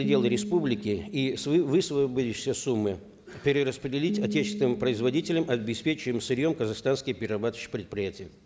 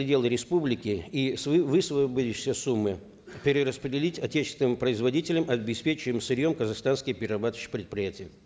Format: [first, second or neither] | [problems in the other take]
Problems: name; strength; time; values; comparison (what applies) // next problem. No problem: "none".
second | background sound (Piano); 10 dB below the speech